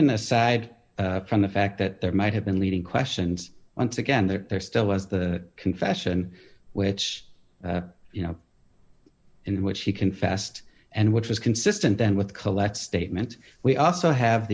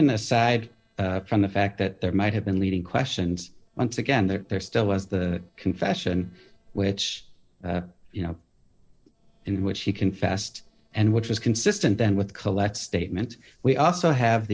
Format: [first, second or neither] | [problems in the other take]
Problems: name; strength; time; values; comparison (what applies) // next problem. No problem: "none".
first | noise reduction (neural separator model SepFormer DNS4)